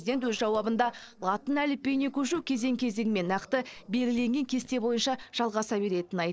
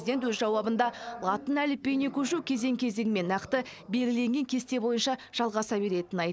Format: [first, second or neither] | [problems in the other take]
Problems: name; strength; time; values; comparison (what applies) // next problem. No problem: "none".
second | noise reduction (neural separator model SepFormer DNS4)